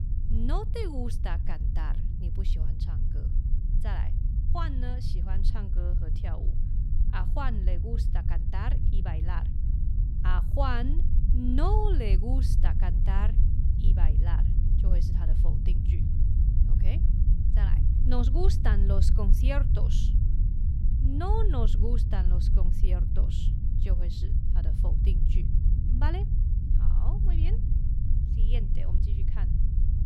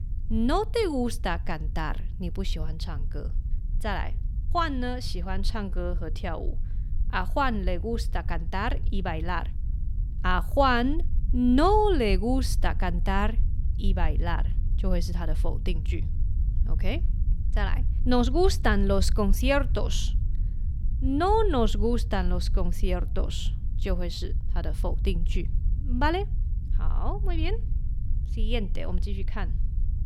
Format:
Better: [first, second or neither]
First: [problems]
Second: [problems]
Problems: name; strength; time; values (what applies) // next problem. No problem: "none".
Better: second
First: low rumble; loud; throughout; 6 dB below the speech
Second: low rumble; faint; throughout; 20 dB below the speech